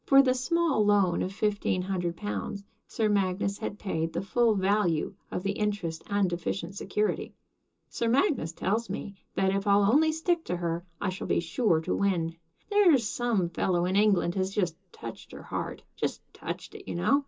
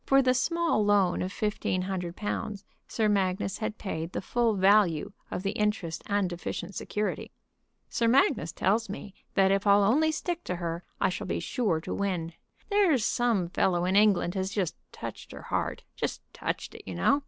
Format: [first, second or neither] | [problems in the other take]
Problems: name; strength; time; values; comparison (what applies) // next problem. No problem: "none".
second | room echo; dies away in 0.2 s